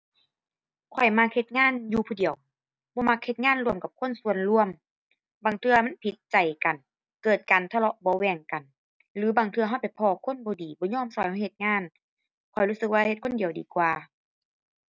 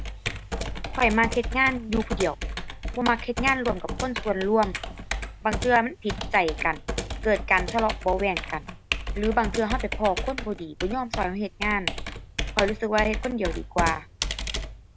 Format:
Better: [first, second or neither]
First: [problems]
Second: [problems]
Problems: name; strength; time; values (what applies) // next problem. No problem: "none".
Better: first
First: none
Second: background sound (Computer keyboard); 5 dB below the speech